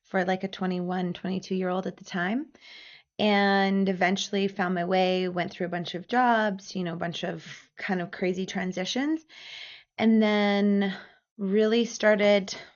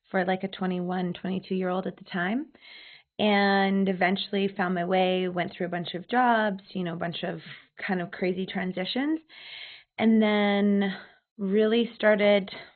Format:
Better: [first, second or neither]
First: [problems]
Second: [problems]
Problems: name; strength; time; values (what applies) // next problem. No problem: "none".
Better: first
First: garbled, watery; slightly; nothing above 6.5 kHz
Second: garbled, watery; badly; nothing above 4 kHz